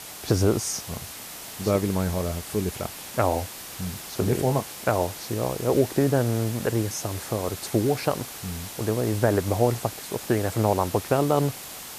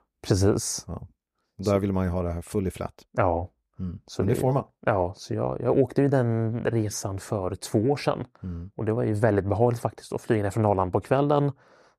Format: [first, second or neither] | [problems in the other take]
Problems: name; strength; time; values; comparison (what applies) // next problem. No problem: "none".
second | hiss; noticeable; throughout; 10 dB below the speech